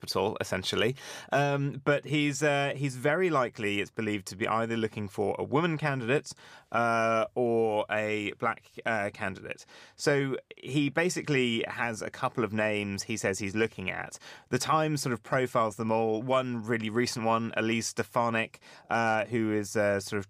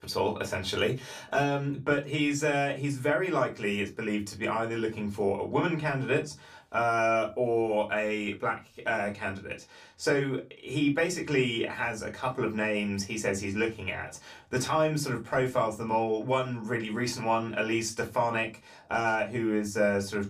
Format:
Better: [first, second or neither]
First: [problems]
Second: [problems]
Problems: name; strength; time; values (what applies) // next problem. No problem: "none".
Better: first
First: none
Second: off-mic speech; somewhat distant // room echo; very slight; dies away in 0.2 s